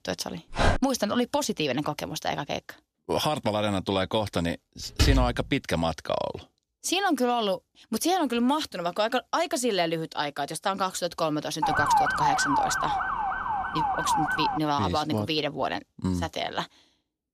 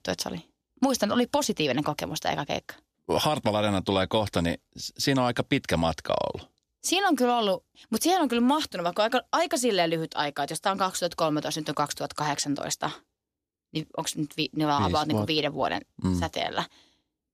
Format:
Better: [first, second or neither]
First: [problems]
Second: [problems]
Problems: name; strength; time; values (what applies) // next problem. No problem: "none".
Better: second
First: dog barking; loud; at 0.5 s; peak 2 dB above the speech // door banging; loud; at 5 s; peak 3 dB above the speech // siren; loud; from 12 to 15 s; peak 5 dB above the speech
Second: none